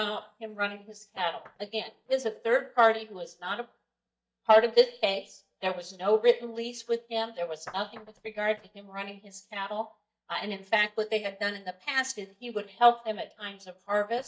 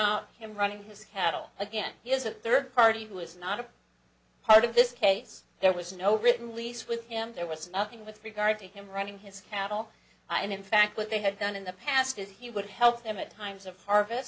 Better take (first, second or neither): second